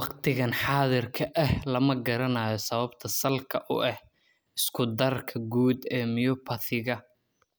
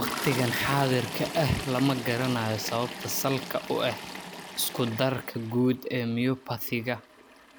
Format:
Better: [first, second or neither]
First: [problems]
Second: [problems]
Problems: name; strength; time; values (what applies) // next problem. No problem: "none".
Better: first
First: none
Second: background sound (Toilet flush); 9 dB below the speech